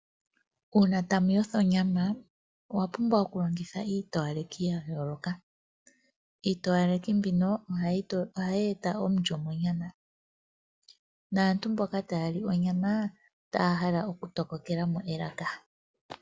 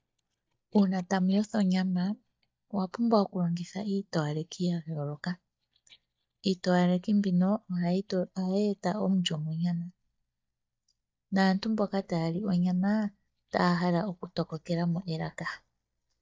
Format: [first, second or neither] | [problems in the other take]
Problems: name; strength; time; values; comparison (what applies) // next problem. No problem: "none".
first | noise reduction (neural mask model DeepFilterNet 3)